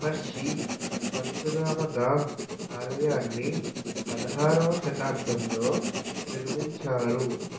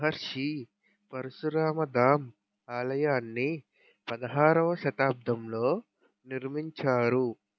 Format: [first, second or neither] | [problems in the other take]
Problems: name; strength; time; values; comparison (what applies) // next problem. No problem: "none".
second | background sound (Writing); 5 dB below the speech // room echo; dies away in 0.6 s